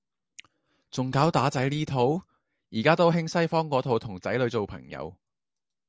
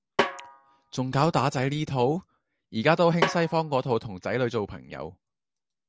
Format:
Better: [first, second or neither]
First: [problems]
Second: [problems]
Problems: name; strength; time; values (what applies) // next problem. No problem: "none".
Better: first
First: none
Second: background sound (Snare drum); 6 dB below the speech